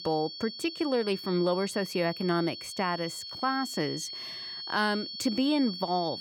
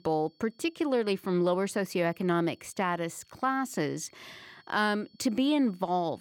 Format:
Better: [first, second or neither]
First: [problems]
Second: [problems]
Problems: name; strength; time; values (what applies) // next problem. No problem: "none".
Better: second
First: high-pitched whine; loud; throughout; 4.5 kHz, 8 dB below the speech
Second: high-pitched whine; faint; throughout; 4.5 kHz, 35 dB below the speech